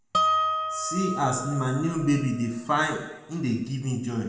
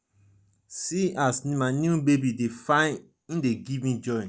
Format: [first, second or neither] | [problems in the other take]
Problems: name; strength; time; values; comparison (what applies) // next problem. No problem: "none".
second | background sound (Harp); 2 dB below the speech // room echo; dies away in 0.9 s